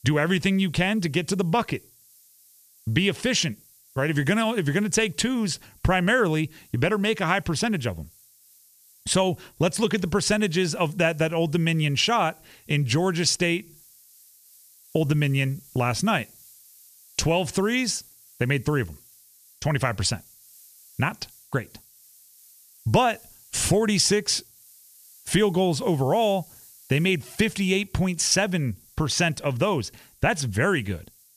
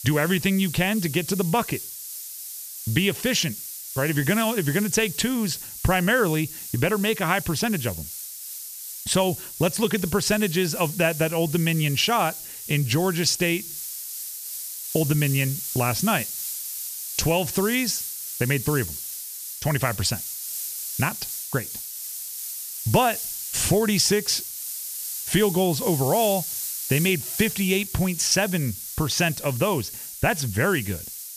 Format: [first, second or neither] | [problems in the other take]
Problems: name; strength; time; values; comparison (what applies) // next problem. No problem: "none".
first | hiss; loud; throughout; 7 dB below the speech; faint in the first